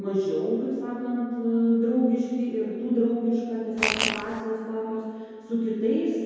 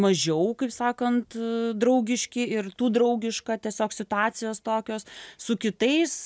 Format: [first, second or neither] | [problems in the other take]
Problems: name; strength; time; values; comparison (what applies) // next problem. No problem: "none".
second | background sound (Fart); 1 dB below the speech // room echo; dies away in 2.2 s